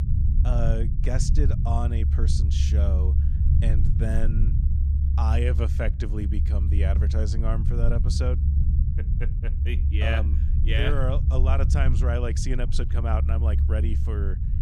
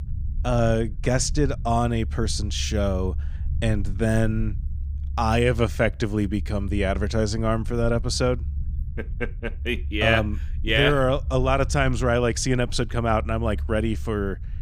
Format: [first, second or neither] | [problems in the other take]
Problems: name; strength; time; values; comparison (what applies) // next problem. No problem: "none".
second | low rumble; loud; throughout; 6 dB below the speech; faint in the second